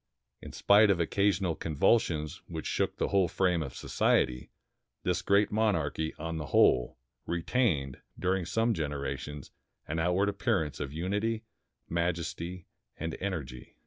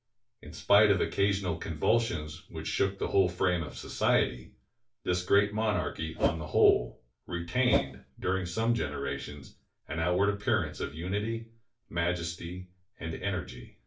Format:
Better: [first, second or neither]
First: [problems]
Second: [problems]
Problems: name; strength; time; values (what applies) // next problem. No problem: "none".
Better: first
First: none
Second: background sound (Whoosh, swoosh, swish); 1 dB below the speech // room echo; dies away in 0.3 s